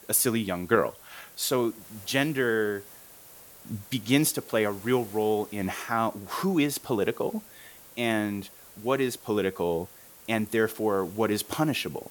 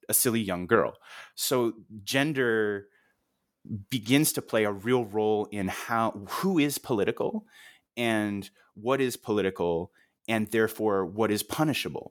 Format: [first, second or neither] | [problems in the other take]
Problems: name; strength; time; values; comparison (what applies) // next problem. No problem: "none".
second | hiss; noticeable; throughout; 20 dB below the speech